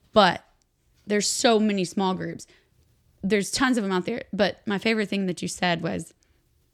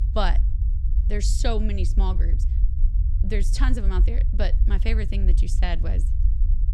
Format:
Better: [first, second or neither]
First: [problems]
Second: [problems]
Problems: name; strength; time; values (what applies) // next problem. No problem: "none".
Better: first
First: none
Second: low rumble; noticeable; throughout; 10 dB below the speech